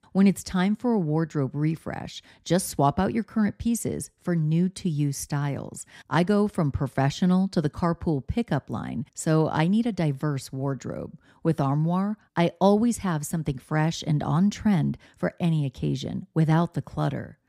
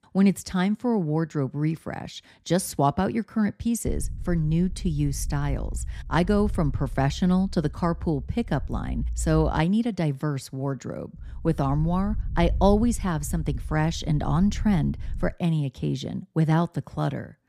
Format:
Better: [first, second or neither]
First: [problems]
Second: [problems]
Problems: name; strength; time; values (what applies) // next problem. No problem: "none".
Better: first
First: none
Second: low rumble; faint; from 4 to 9.5 s and from 11 to 15 s; 25 dB below the speech